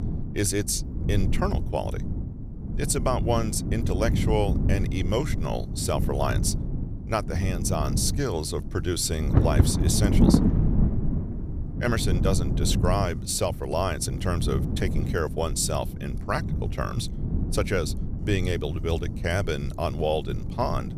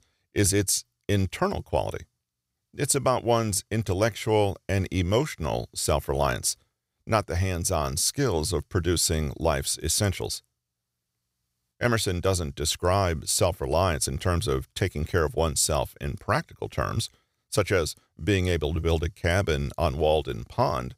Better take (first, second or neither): second